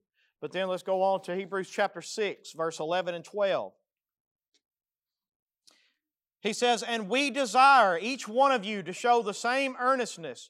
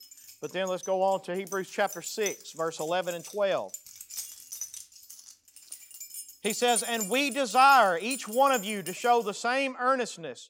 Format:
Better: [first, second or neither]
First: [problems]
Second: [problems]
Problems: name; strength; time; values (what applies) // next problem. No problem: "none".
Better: first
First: none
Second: jangling keys; noticeable; until 9 s; peak 3 dB below the speech